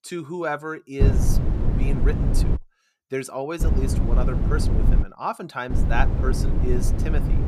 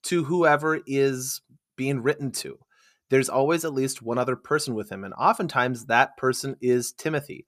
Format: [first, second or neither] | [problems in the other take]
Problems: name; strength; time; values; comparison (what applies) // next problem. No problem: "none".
second | wind noise on the microphone; heavy; from 1 to 2.5 s, from 3.5 to 5 s and from 5.5 s on; 5 dB below the speech